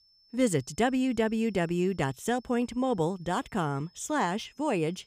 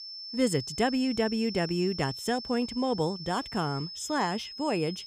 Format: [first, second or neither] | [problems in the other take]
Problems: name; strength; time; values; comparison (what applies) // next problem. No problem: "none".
first | high-pitched whine; loud; throughout; 5.5 kHz, 9 dB below the speech; faint in the first